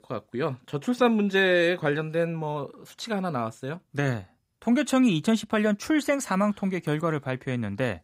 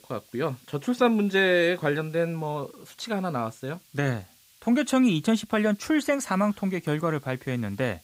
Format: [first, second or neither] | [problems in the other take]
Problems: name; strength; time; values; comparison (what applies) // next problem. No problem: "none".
first | hiss; faint; throughout; 30 dB below the speech